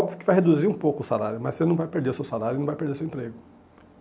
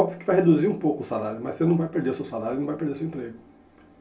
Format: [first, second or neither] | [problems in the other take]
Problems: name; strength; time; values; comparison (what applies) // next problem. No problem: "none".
first | room echo; dies away in 0.2 s